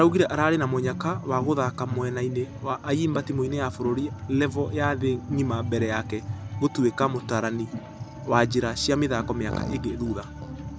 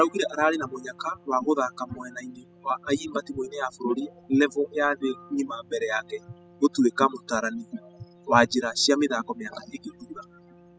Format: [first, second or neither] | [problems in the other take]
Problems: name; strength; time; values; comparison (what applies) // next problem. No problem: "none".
first | noise reduction (classical method spectral subtraction)